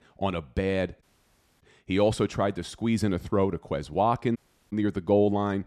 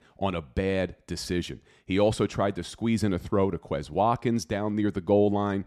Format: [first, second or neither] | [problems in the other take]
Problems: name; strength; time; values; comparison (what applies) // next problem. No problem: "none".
second | audio cutting out; at 1 s for 0.5 s and at 4.5 s